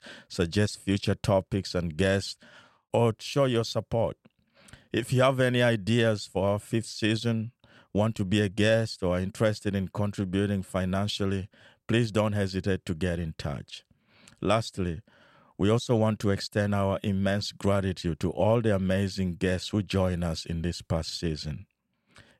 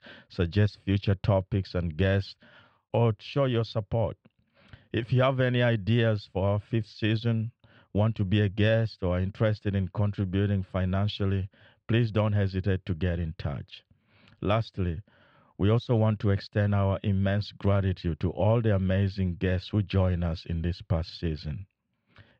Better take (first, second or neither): first